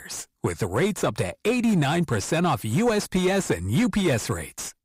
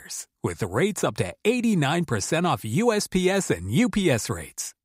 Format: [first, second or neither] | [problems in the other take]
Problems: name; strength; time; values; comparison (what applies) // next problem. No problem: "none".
second | distortion; slight; 10 dB below the speech